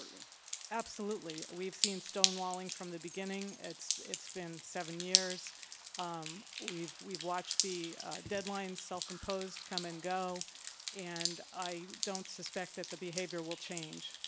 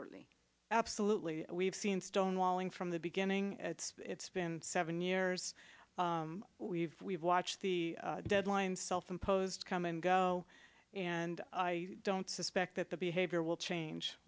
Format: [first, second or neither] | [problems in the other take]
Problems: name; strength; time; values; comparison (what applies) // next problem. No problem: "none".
second | background sound (Drip); 1 dB above the speech